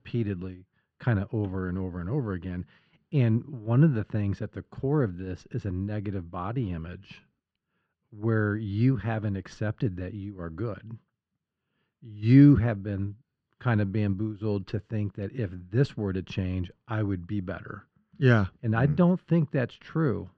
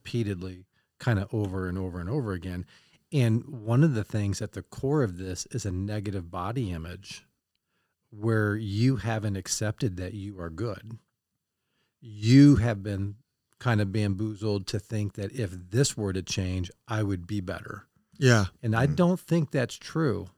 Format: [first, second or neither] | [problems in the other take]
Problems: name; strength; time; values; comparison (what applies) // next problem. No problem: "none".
second | muffled; very; fading above 3 kHz